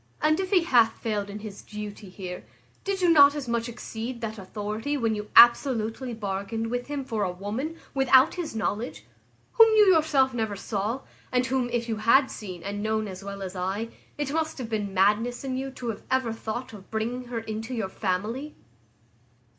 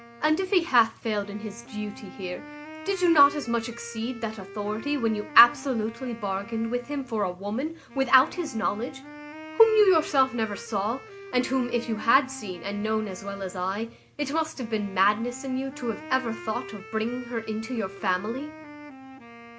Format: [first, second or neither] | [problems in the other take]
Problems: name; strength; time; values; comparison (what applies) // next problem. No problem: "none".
first | background sound (Wind instrument, woodwind instrument); 16 dB below the speech